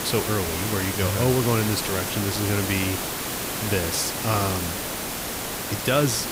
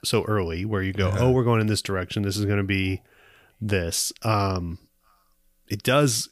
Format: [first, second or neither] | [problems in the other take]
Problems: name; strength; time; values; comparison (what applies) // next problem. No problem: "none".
second | hiss; loud; throughout; 2 dB below the speech